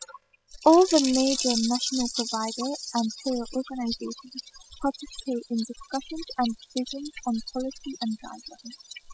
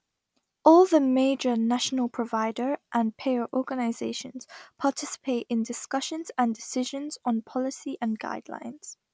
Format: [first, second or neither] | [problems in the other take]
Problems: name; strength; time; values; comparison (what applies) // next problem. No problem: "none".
second | noise reduction (classical method spectral subtraction)